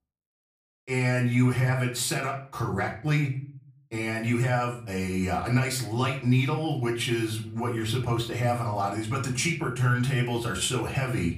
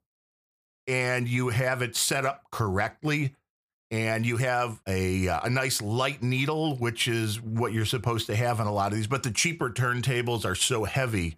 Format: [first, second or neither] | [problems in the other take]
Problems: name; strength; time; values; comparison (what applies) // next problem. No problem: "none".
second | off-mic speech; far // room echo; slight; dies away in 0.4 s